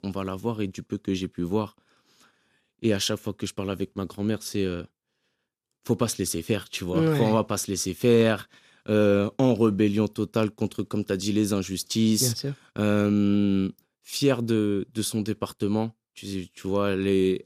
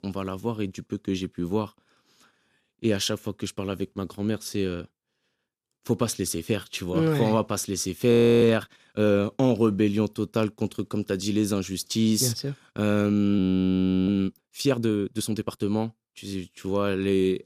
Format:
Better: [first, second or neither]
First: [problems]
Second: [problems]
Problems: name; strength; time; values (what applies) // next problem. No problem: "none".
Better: first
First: none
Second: audio freezing; at 8 s and at 13 s for 0.5 s